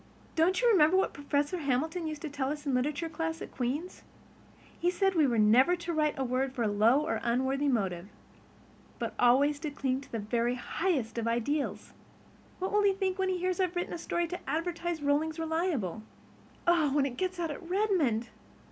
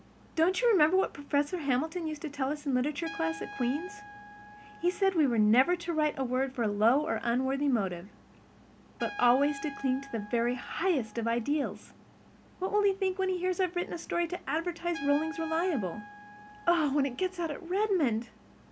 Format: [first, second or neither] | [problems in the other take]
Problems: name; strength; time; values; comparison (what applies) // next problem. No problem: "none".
first | background sound (Trumpet); 19 dB below the speech